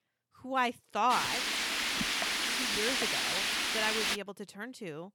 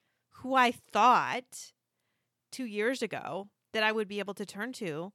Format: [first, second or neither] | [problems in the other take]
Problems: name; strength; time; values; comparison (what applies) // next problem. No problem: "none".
second | wind noise on the microphone; heavy; from 1 to 4 s; 3 dB above the speech